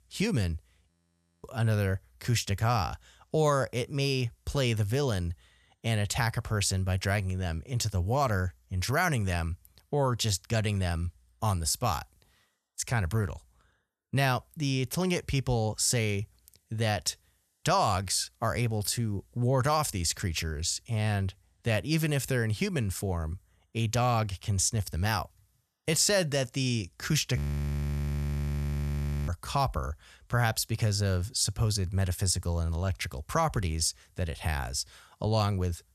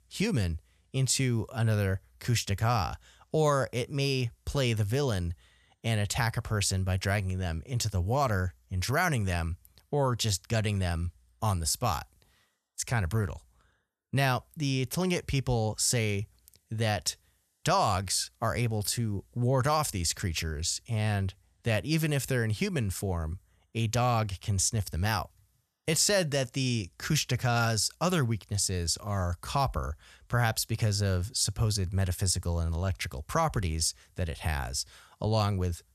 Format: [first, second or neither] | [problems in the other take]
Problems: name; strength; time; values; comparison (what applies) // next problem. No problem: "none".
second | audio freezing; at 1 s for 0.5 s and at 27 s for 2 s